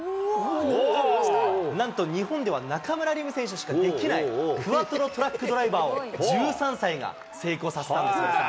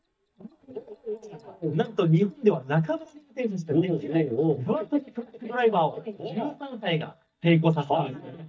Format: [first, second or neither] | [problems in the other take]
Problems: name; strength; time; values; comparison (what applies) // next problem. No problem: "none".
first | noise reduction (neural mask model DeepFilterNet 3)